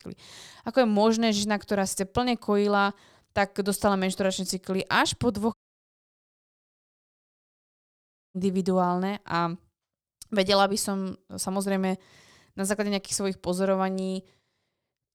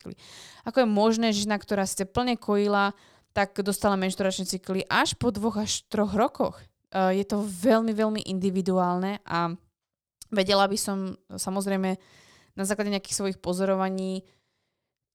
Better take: second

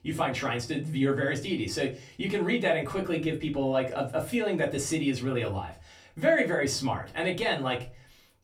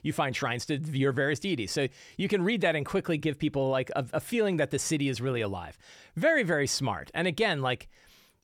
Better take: second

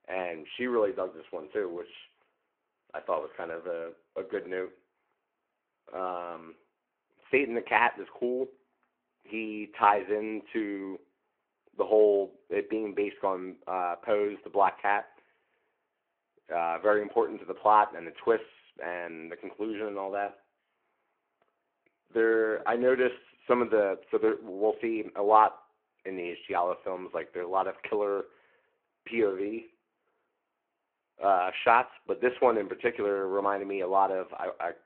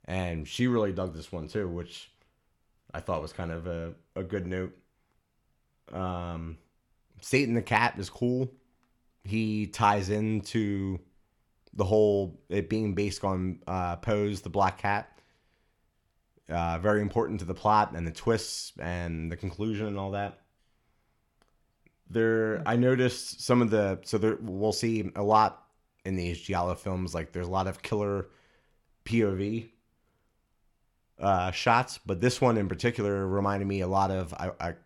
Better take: second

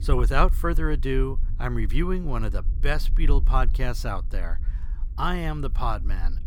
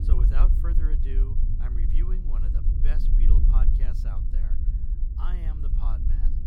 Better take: first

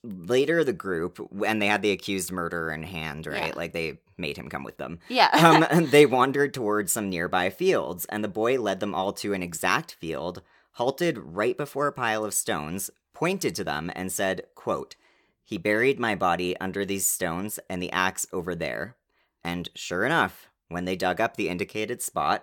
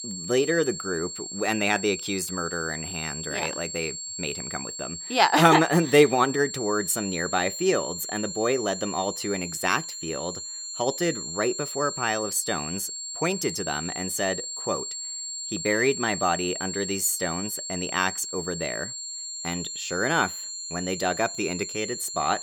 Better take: first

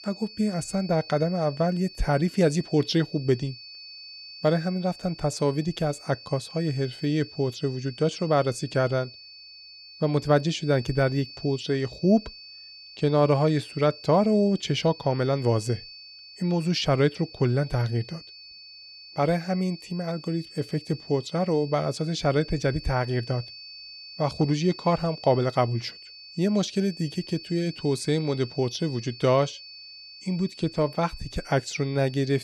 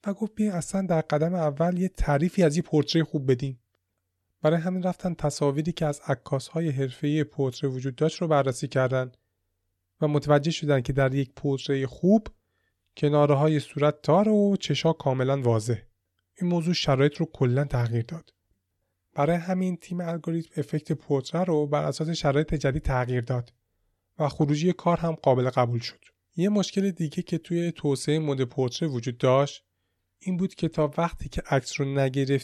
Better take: second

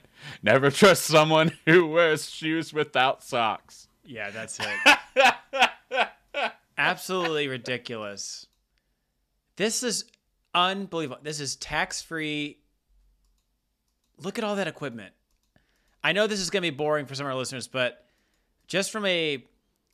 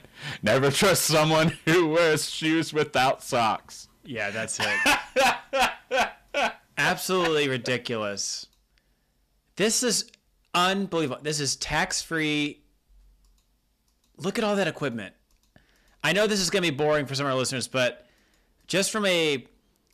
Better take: first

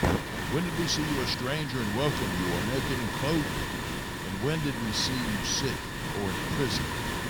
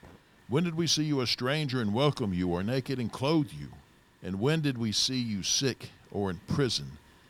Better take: second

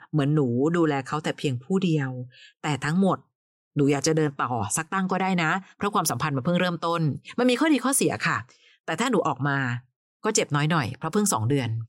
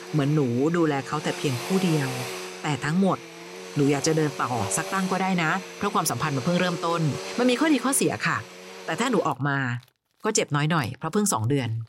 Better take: first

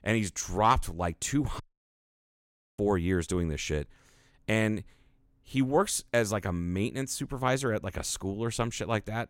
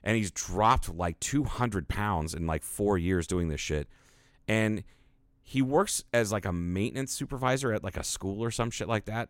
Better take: second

